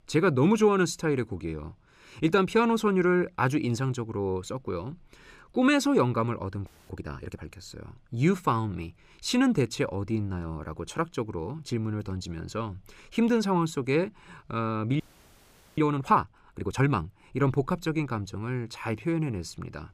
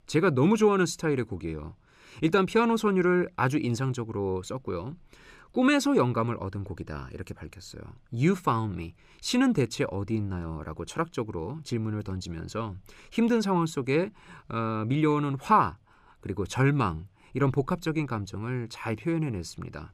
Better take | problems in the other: second | audio freezing; at 6.5 s and at 15 s for 1 s

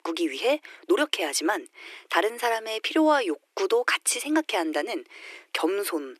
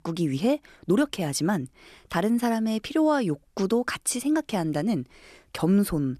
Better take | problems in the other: second | thin; very; fading below 300 Hz

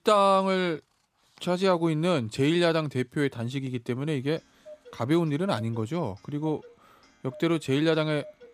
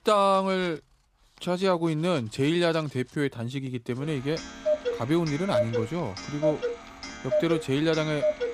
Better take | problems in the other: first | household noises; loud; throughout; 3 dB below the speech; faint in the first

